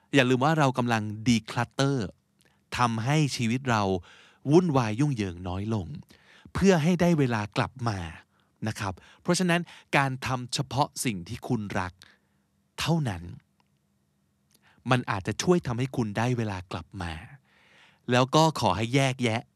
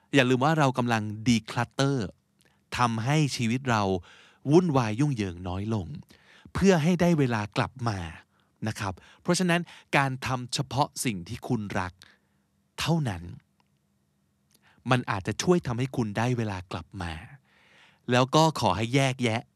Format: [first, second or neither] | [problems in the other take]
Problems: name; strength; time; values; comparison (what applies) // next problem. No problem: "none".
neither | none